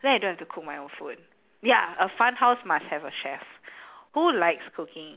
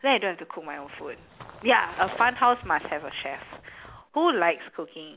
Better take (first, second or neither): first